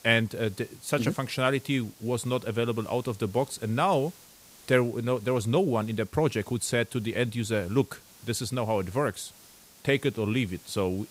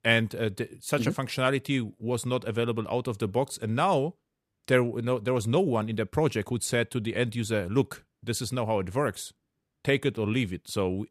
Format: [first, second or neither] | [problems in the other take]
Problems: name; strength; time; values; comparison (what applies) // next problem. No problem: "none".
second | hiss; faint; throughout; 25 dB below the speech